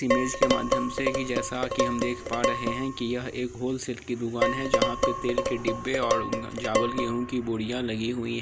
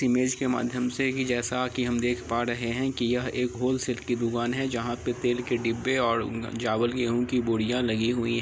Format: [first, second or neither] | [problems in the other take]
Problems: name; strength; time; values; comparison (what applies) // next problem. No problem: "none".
second | background sound (Dishes, pots, and pans); 1 dB above the speech